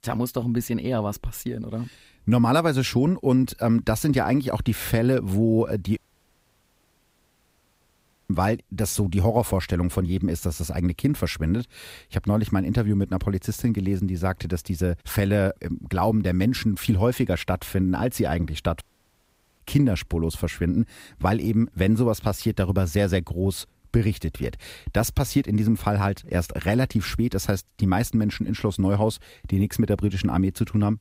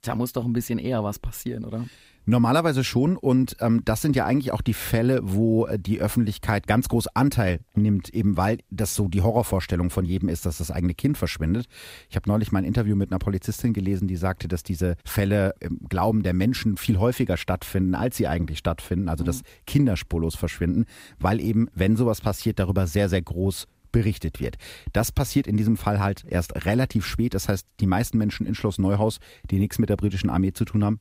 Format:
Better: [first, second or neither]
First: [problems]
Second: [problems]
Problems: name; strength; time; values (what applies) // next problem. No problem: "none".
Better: second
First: audio cutting out; at 6 s for 2.5 s and at 19 s for 1 s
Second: none